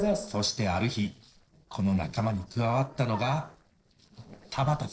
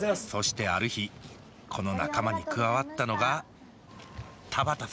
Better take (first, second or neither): second